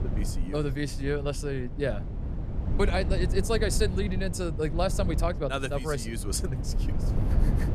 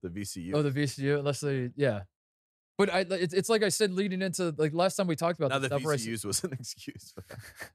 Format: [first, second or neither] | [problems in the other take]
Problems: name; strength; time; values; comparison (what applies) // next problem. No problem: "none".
second | wind noise on the microphone; occasional gusts; 10 dB below the speech